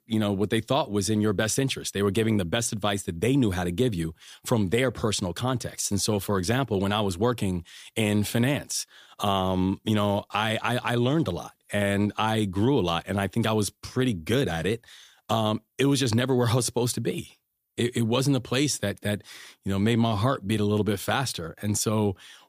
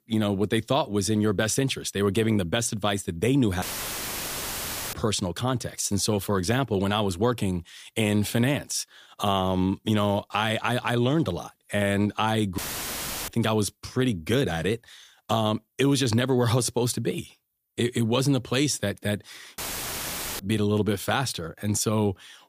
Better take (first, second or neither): first